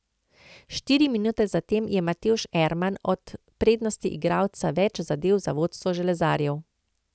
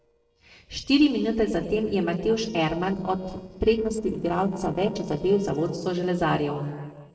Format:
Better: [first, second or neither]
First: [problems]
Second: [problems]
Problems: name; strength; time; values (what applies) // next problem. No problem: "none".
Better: first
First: none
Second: noise reduction (neural separator model SepFormer DNS4)